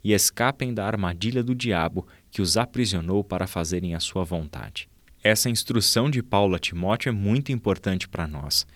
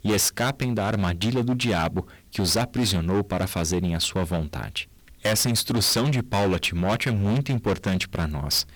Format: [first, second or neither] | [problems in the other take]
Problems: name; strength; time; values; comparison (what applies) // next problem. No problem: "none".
first | distortion; heavy; 18% of the sound clipped